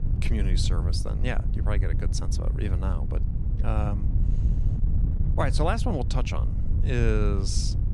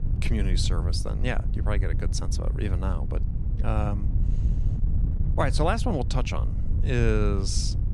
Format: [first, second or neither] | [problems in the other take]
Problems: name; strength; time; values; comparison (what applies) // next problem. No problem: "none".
second | wind noise on the microphone; heavy; 9 dB below the speech; occasional gusts in the second